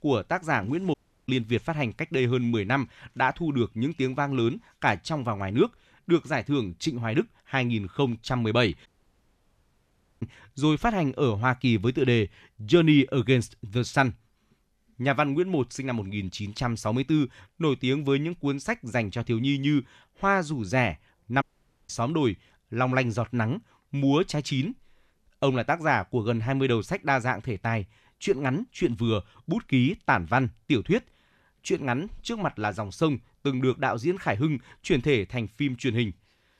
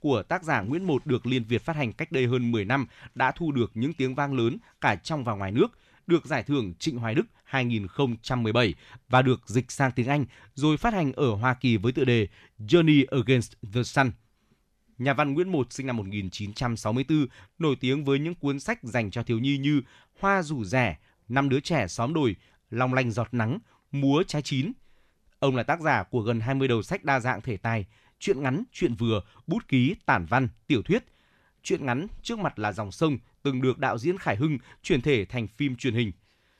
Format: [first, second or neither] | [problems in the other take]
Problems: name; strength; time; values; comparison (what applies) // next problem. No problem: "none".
second | audio cutting out; at 1 s, at 9 s for 1.5 s and at 21 s